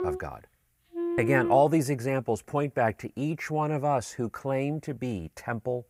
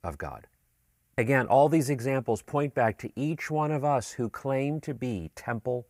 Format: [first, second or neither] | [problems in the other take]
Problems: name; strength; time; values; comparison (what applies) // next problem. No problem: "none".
second | background music; loud; until 1.5 s; 4 dB below the speech